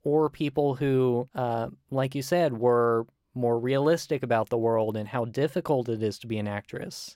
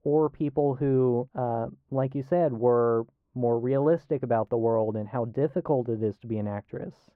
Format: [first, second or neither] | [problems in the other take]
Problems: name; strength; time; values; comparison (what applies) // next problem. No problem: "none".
first | muffled; very; fading above 2.5 kHz